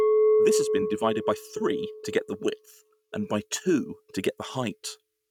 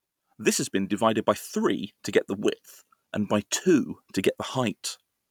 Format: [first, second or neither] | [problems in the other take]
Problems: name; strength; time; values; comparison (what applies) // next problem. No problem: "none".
second | noise reduction (neural mask model RNNoise)